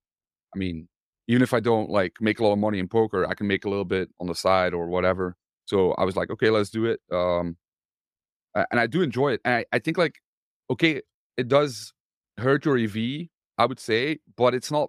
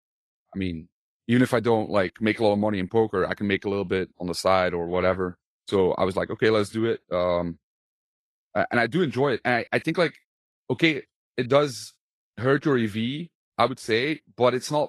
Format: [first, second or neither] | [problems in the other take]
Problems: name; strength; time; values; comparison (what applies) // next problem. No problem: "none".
first | garbled, watery; slightly; nothing above 12.5 kHz